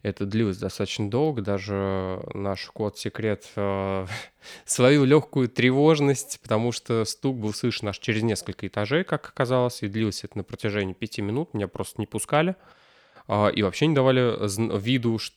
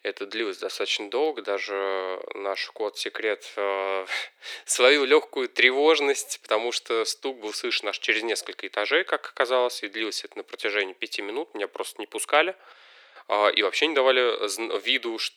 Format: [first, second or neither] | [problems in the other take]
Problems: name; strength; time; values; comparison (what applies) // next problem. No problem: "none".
first | thin; very; fading below 350 Hz